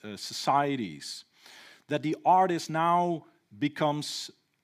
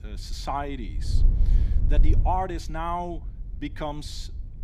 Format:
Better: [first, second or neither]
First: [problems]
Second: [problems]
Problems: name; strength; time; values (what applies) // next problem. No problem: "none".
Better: first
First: none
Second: wind noise on the microphone; occasional gusts; 15 dB below the speech